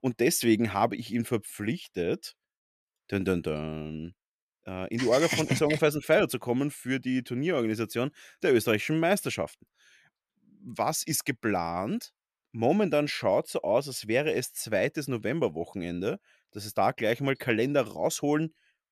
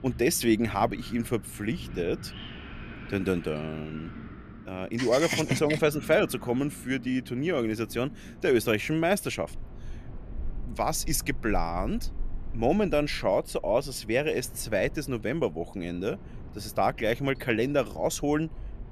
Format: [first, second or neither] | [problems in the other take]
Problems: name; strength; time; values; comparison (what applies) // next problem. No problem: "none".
first | wind in the background; noticeable; throughout; 15 dB below the speech